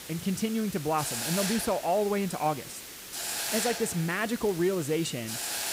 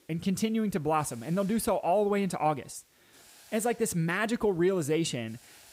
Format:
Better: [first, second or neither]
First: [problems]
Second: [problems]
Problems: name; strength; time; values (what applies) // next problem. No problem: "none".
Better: second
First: hiss; loud; throughout; 5 dB below the speech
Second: hiss; faint; throughout; 30 dB below the speech